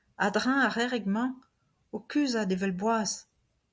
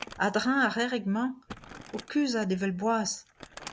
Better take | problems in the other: first | background sound (Crumpling, crinkling); 18 dB below the speech

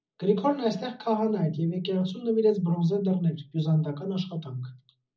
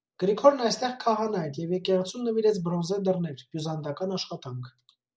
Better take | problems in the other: second | room echo; dies away in 0.4 s

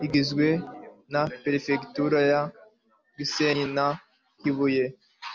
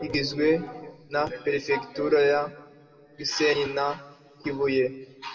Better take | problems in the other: first | room echo; dies away in 1.9 s

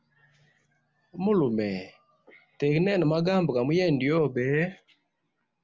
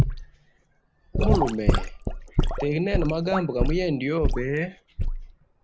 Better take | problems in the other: first | background sound (Sink (filling or washing) / Gurgling / Liquid); 2 dB above the speech

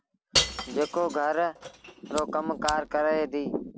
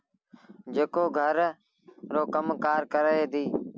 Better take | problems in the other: second | background sound (Shatter / Crushing + Fire); 5 dB below the speech

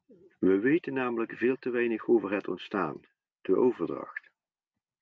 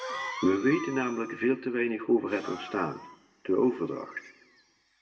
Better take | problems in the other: first | background sound (Cough); 13 dB below the speech // room echo; dies away in 0.6 s

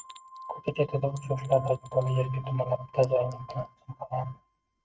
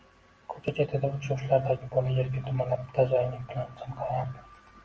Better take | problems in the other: second | noise reduction (neural mask model RNNoise)

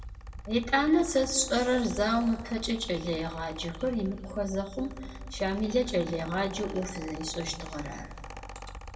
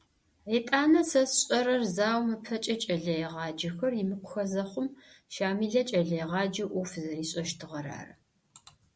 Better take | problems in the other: second | background sound (Mechanical fan); 12 dB below the speech // room echo; dies away in 1.5 s

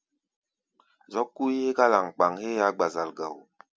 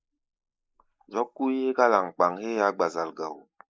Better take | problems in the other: first | noise reduction (neural mask model Resemble Enhance denoiser)

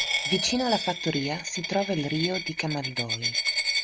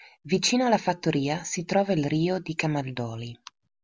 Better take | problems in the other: second | background sound (Coin (dropping)); 1 dB below the speech

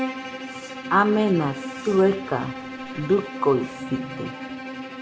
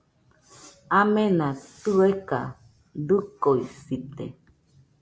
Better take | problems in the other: second | background sound (Bowed string instrument); 9 dB below the speech

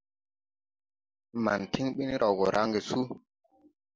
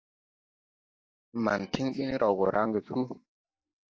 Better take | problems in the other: first | noise reduction (neural mask model DeepFilterNet 3)

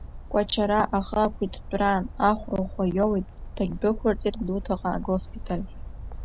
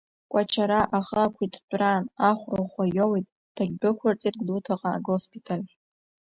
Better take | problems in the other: second | background sound (Bird); 10 dB below the speech

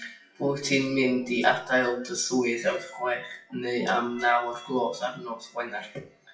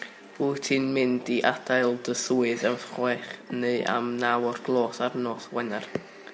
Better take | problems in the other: second | noise reduction (classical method WPE with log-MMSE)

